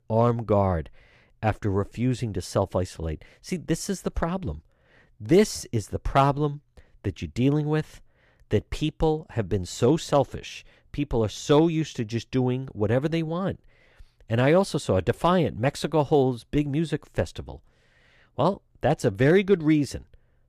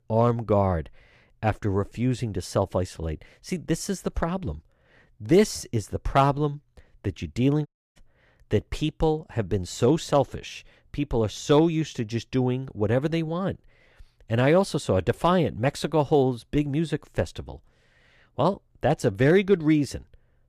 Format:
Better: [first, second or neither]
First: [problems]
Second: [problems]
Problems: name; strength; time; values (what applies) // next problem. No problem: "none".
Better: first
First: none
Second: audio cutting out; at 7.5 s